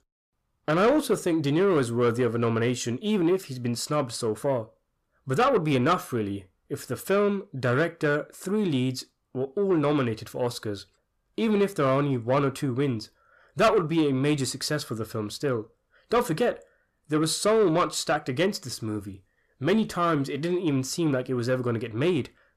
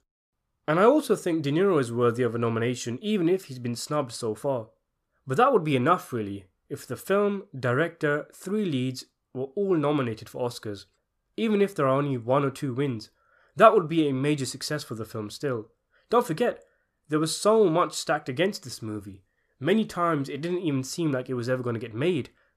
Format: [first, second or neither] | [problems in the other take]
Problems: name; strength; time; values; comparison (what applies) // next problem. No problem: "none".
second | distortion; slight; 10 dB below the speech